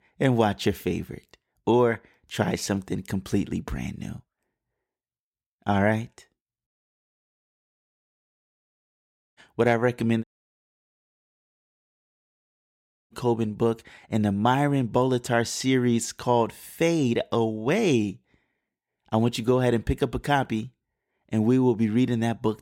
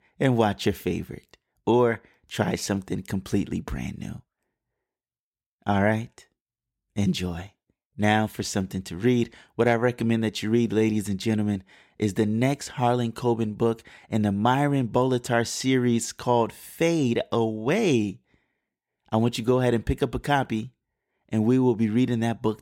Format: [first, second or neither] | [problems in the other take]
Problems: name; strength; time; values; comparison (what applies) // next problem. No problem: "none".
second | audio cutting out; at 6.5 s for 2.5 s and at 10 s for 3 s